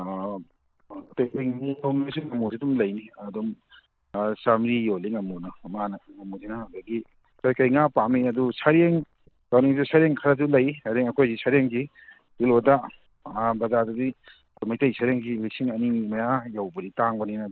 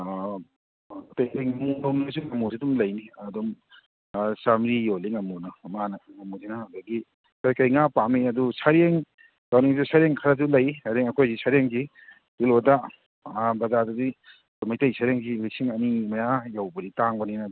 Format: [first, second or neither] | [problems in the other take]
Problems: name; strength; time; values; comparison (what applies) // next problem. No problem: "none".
second | noise reduction (neural mask model Resemble Enhance denoiser)